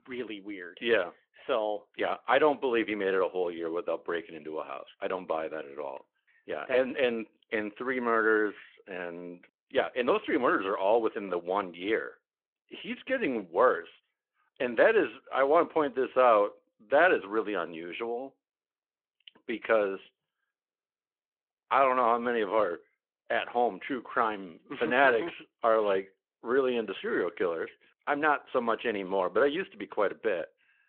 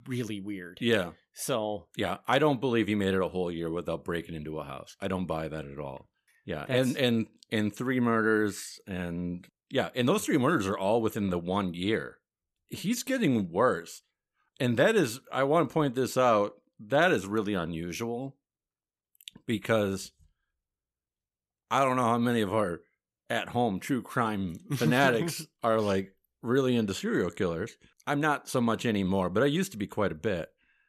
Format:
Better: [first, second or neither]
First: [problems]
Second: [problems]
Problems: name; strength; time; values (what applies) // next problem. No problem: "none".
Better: second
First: phone-call audio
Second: none